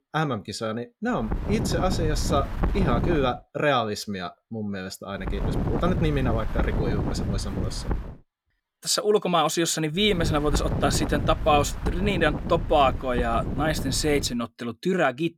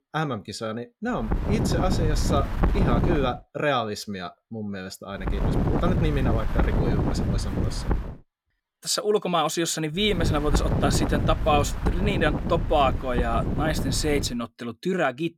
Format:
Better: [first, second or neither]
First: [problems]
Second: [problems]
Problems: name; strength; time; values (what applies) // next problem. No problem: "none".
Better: first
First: wind noise on the microphone; occasional gusts; from 1 to 3 s, from 5.5 to 8 s and from 10 to 14 s; 10 dB below the speech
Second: wind noise on the microphone; heavy; from 1 to 3 s, from 5.5 to 8 s and from 10 to 14 s; 6 dB below the speech